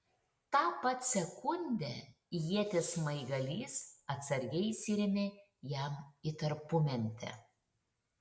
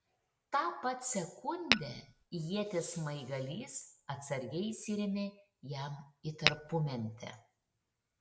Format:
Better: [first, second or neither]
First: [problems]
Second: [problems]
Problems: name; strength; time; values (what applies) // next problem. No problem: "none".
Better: first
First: none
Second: background sound (Tap / Glass); 4 dB above the speech